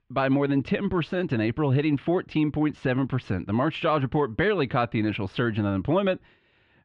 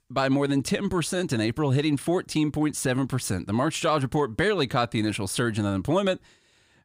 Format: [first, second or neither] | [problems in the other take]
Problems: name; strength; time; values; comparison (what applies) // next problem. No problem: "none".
second | muffled; very; fading above 3 kHz